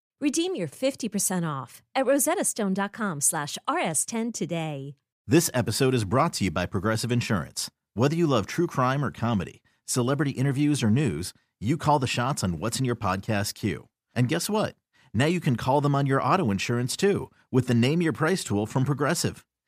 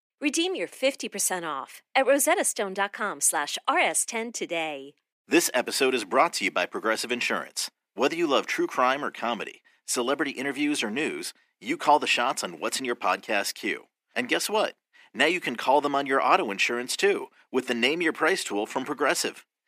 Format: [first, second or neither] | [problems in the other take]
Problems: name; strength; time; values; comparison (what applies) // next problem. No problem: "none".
first | thin; somewhat; fading below 300 Hz